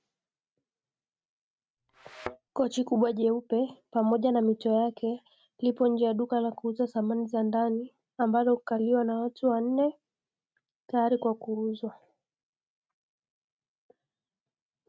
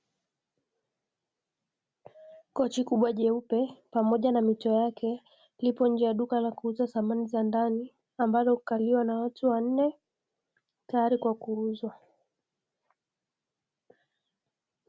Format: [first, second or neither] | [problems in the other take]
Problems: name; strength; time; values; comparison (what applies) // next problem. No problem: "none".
second | noise reduction (neural mask model RNNoise)